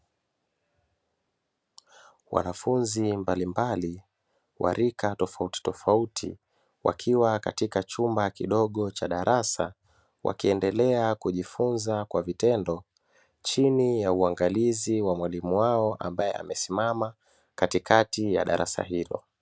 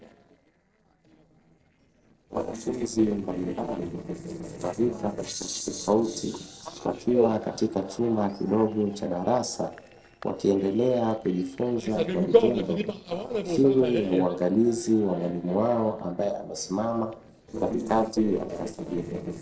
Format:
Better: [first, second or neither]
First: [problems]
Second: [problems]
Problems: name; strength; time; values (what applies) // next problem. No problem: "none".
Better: first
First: none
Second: noise reduction (neural separator model SepFormer DNS4)